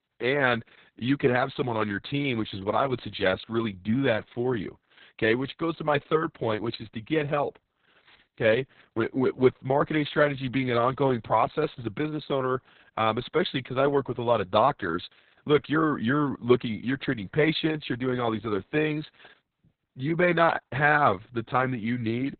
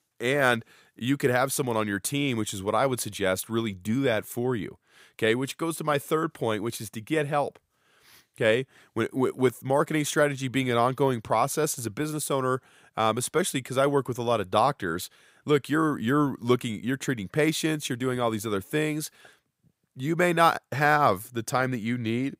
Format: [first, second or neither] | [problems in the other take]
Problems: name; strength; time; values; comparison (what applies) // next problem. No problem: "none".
second | garbled, watery; badly; nothing above 4 kHz